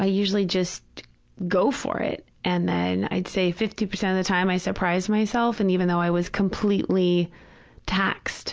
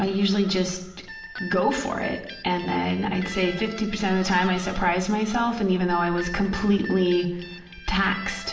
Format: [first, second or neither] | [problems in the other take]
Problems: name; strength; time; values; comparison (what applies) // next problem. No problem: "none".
first | background sound (Guitar); 15 dB below the speech // room echo; dies away in 0.7 s